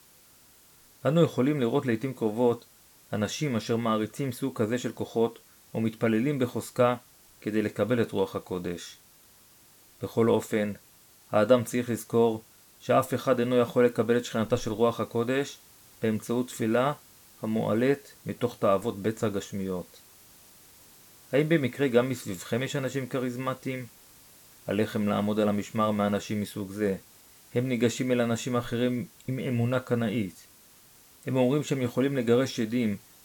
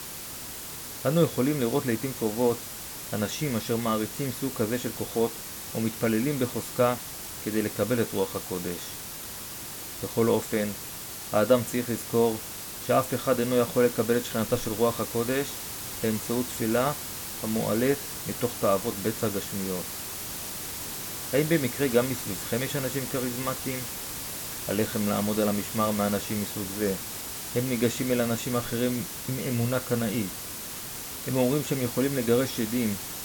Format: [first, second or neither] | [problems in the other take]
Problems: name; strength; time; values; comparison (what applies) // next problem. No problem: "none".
first | hiss; loud; throughout; 6 dB below the speech; faint in the first